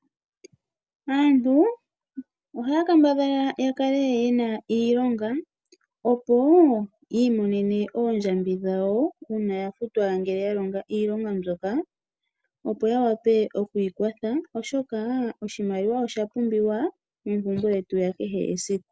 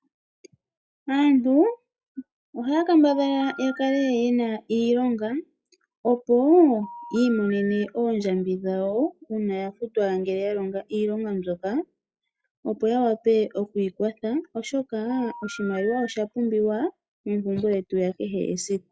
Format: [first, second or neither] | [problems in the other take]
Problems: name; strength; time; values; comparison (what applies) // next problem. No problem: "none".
first | noise reduction (classical method log-MMSE)